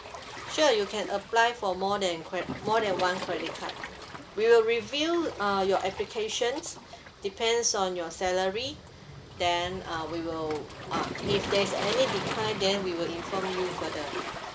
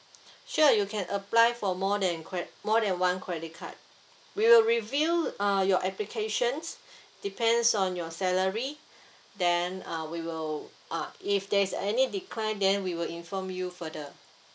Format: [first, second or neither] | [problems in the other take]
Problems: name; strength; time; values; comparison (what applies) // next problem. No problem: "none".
second | background sound (Waves, surf); 9 dB below the speech